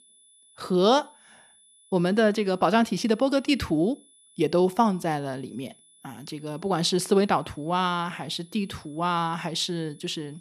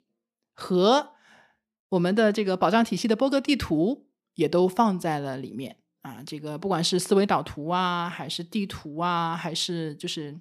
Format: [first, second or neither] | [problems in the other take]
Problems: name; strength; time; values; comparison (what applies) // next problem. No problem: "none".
second | high-pitched whine; faint; throughout; 10 kHz, 30 dB below the speech